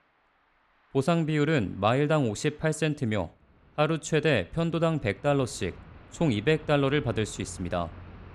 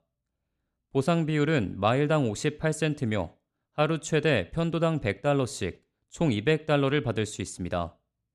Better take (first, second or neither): second